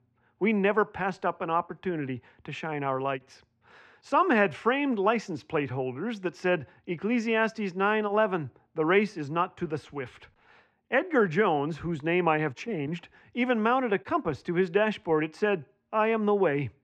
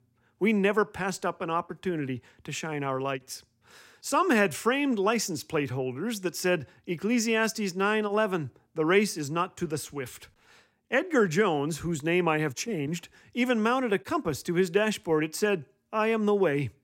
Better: second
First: muffled; very; fading above 2.5 kHz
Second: none

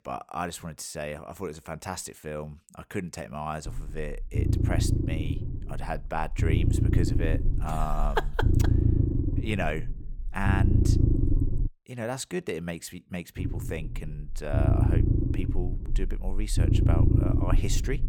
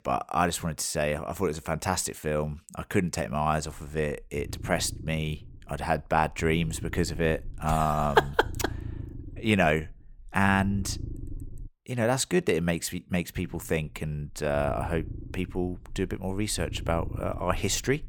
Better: second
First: low rumble; loud; from 3.5 to 12 s and from 13 s on; 2 dB below the speech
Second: low rumble; faint; from 3.5 to 12 s and from 13 s on; 25 dB below the speech

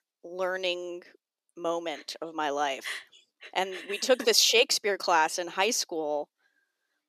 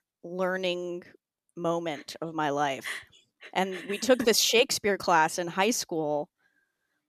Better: second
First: thin; somewhat; fading below 400 Hz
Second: none

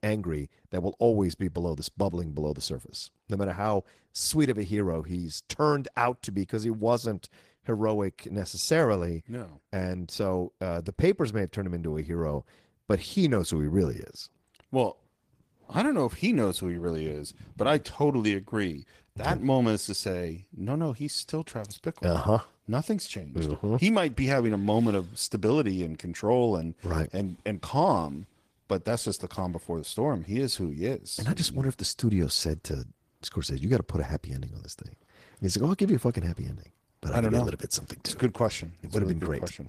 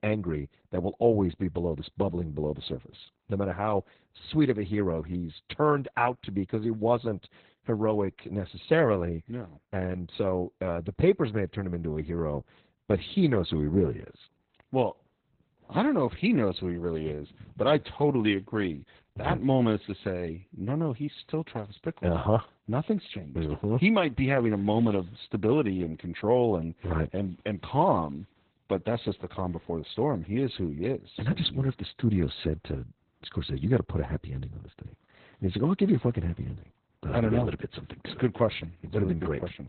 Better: first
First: garbled, watery; slightly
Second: garbled, watery; badly; nothing above 4 kHz

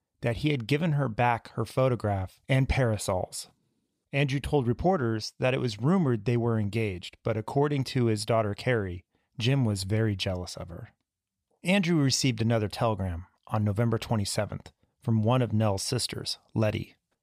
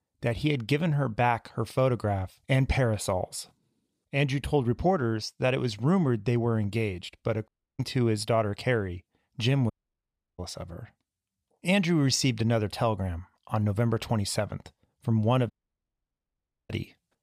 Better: first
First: none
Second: audio cutting out; at 7.5 s, at 9.5 s for 0.5 s and at 16 s for 1 s

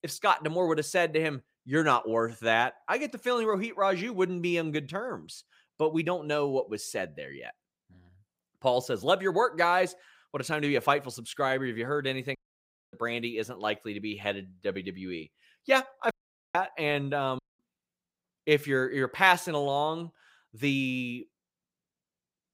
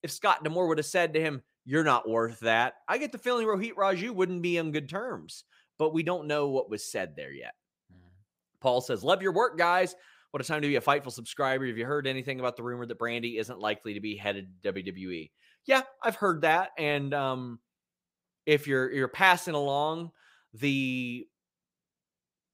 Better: second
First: audio cutting out; at 12 s for 0.5 s, at 16 s and at 17 s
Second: none

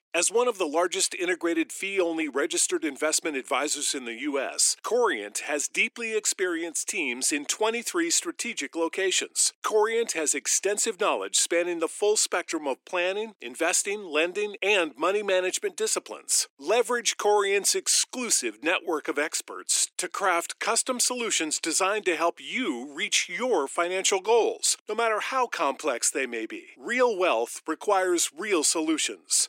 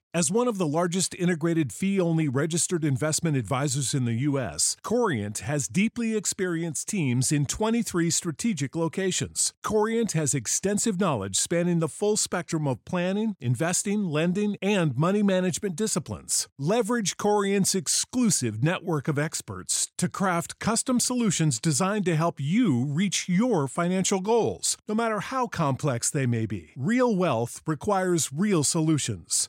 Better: second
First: thin; very; fading below 300 Hz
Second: none

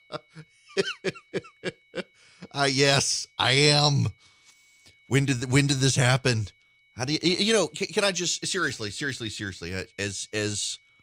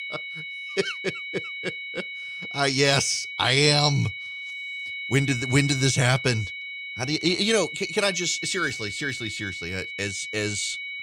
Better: first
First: high-pitched whine; faint; throughout; 2 kHz, 35 dB below the speech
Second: high-pitched whine; loud; throughout; 2 kHz, 8 dB below the speech

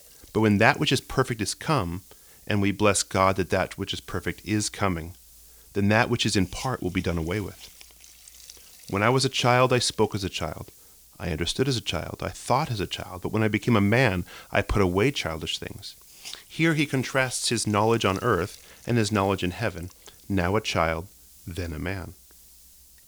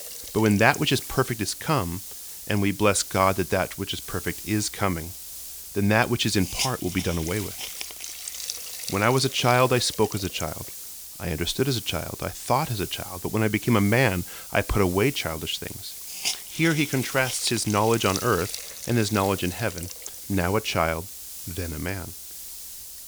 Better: first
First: hiss; faint; throughout; 20 dB below the speech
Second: hiss; loud; throughout; 9 dB below the speech

